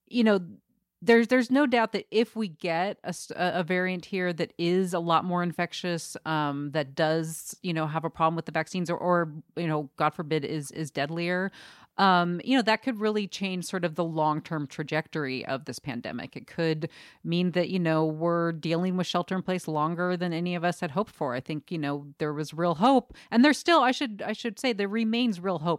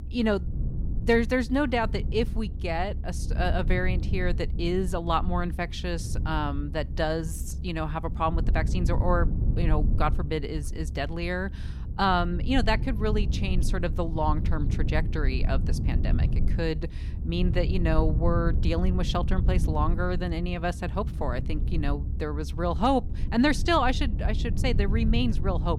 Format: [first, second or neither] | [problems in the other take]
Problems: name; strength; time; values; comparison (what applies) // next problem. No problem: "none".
first | low rumble; noticeable; throughout; 15 dB below the speech